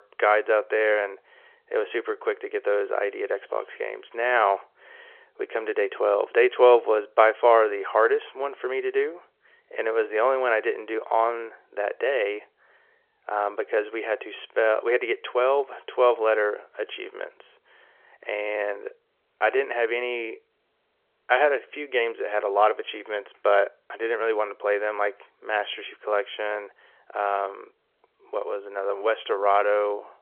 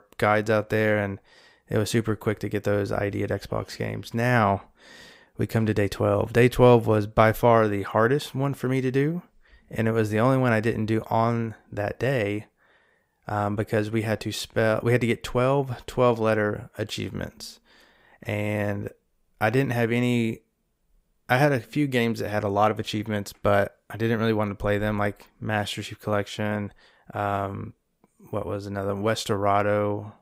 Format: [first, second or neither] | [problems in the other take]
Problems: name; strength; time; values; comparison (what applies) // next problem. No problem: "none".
second | phone-call audio; nothing above 3.5 kHz